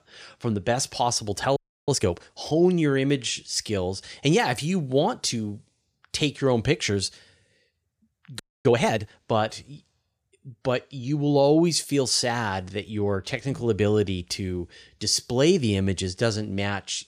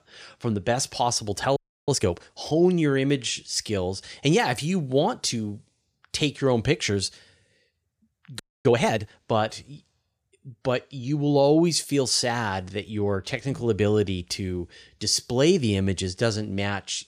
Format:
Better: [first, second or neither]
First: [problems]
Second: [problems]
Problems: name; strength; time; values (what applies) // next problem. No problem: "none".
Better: neither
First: audio freezing; at 1.5 s and at 8.5 s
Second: audio freezing; at 1.5 s and at 8.5 s